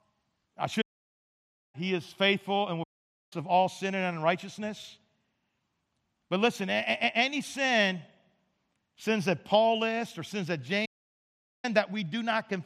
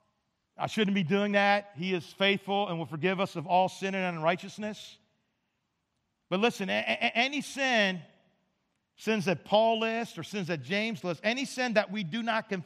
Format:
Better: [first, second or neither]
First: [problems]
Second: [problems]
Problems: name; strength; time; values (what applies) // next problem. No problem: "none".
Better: second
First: audio cutting out; at 1 s for 1 s, at 3 s and at 11 s for 1 s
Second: none